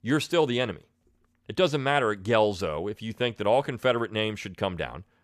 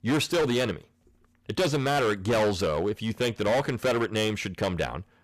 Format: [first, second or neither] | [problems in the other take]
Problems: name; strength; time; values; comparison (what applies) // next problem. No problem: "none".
first | distortion; heavy; 15% of the sound clipped